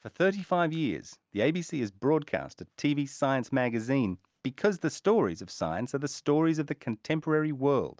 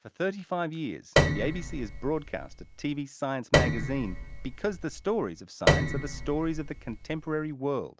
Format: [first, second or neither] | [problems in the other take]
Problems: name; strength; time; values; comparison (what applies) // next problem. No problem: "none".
first | background sound (Piano); 3 dB above the speech